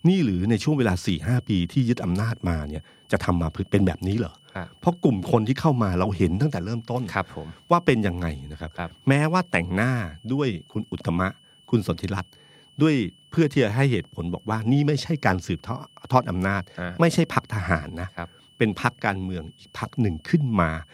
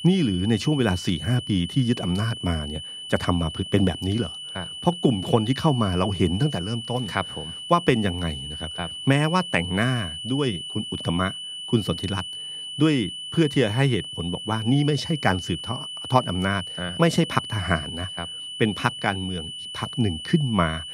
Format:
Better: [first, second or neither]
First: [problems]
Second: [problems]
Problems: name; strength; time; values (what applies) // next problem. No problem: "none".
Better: first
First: high-pitched whine; faint; throughout; 3 kHz, 30 dB below the speech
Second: high-pitched whine; loud; throughout; 3 kHz, 8 dB below the speech